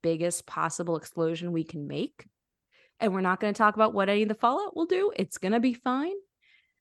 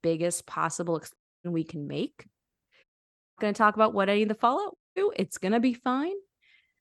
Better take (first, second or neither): first